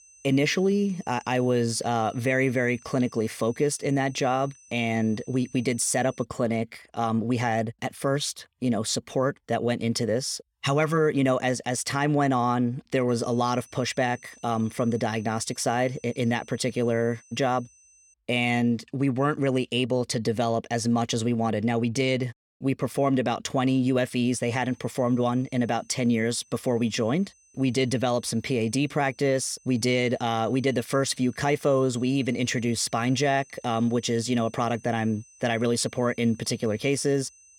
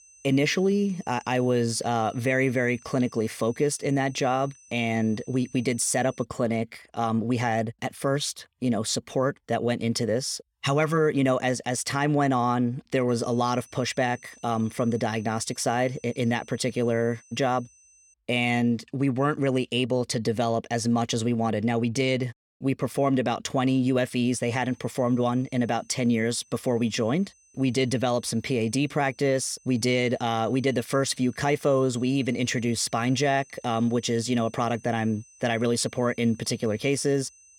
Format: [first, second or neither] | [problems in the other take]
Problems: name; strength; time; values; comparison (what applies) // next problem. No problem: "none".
neither | high-pitched whine; faint; until 6 s, from 13 to 18 s and from 24 s on; 6 kHz, 25 dB below the speech; the same in both